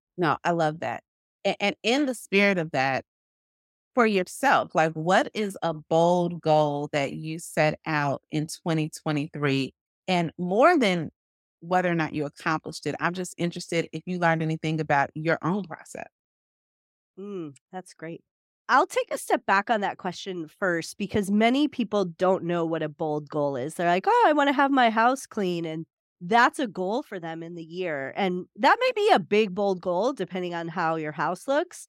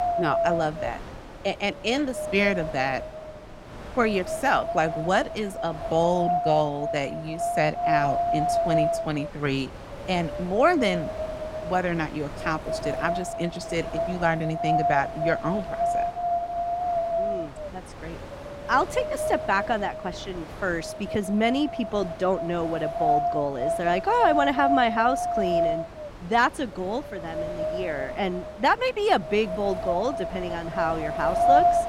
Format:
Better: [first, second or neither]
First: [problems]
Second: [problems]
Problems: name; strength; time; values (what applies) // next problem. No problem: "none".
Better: first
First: none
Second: wind noise on the microphone; heavy; 1 dB below the speech